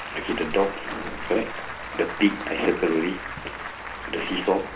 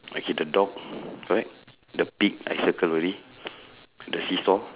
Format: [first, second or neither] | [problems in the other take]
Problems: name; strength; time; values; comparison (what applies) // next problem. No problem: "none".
second | background sound (Applause); 8 dB below the speech // room echo; dies away in 0.3 s